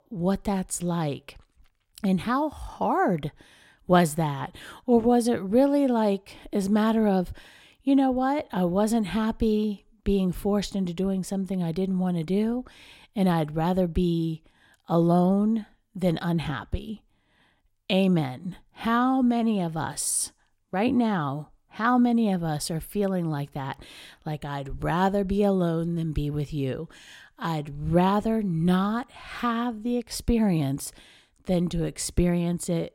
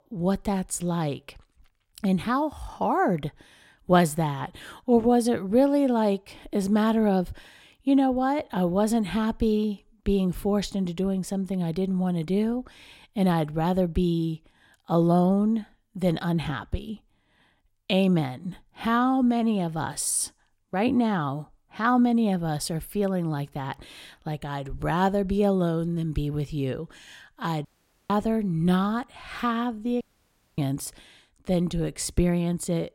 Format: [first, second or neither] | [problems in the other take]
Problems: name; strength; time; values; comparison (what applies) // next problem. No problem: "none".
first | audio cutting out; at 28 s and at 30 s for 0.5 s